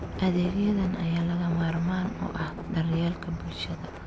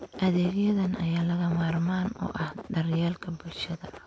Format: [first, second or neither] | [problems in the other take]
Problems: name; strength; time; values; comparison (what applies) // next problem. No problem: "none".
second | background sound (Bowed string instrument + Engine / Aircraft); 9 dB below the speech